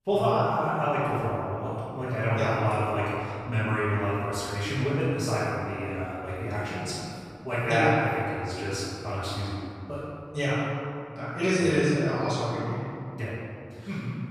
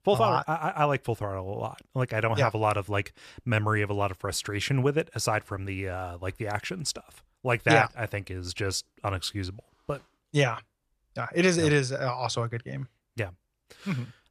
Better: second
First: off-mic speech; far // room echo; strong; dies away in 2.5 s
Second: none

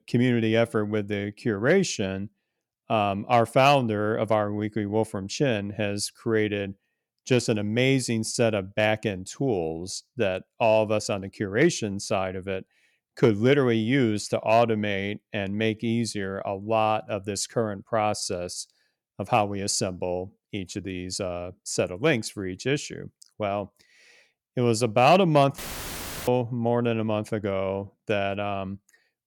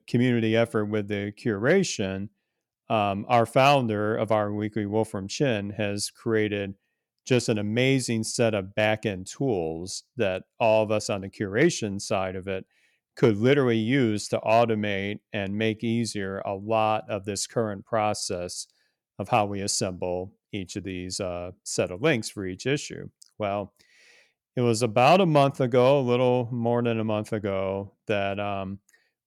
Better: second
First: audio cutting out; filled with static; at 26 s for 0.5 s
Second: none

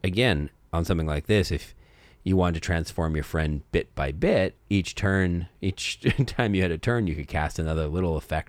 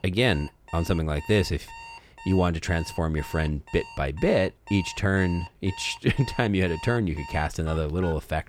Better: first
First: none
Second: alarms or sirens; noticeable; throughout; 15 dB below the speech

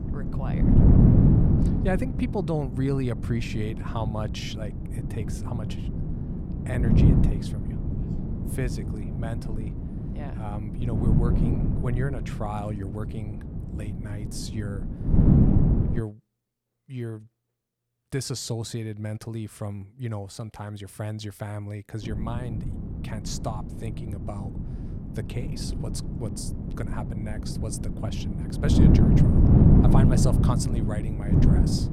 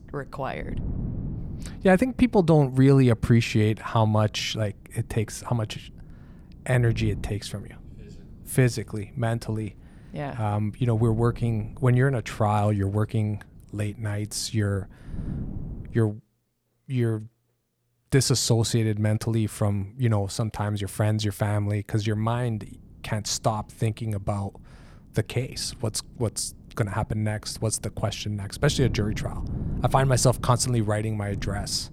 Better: second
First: wind noise on the microphone; heavy; until 16 s and from 22 s on; 3 dB above the speech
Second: wind noise on the microphone; occasional gusts; until 16 s and from 22 s on; 20 dB below the speech

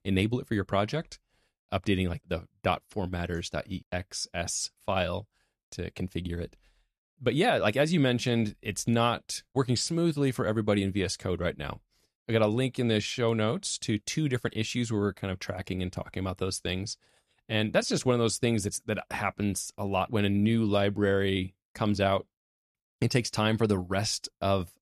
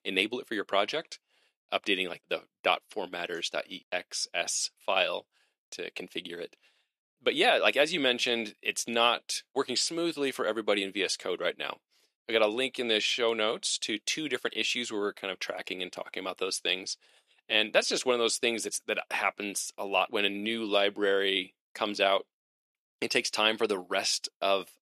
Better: first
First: none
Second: thin; somewhat; fading below 350 Hz

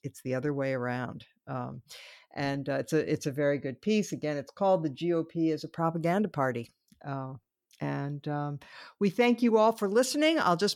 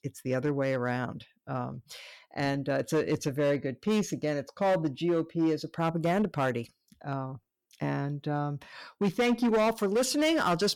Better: first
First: none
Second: distortion; slight; 6% of the sound clipped

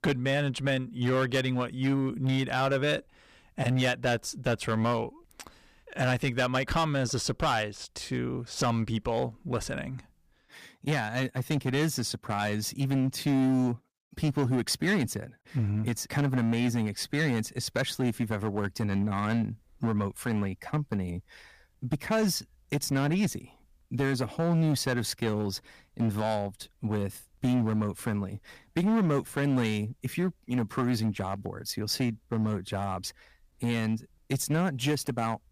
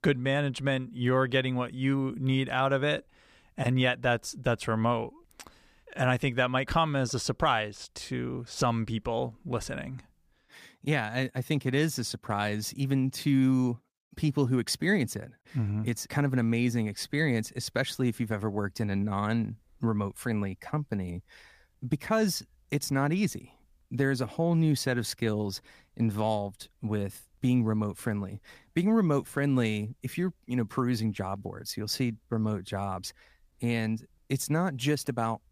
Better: second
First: distortion; slight; 7% of the sound clipped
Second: none

